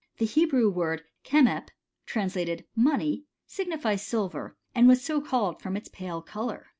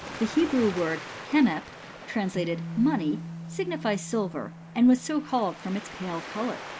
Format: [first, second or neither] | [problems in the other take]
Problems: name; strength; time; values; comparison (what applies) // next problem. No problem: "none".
first | background sound (Waves, surf + Bass guitar); 11 dB below the speech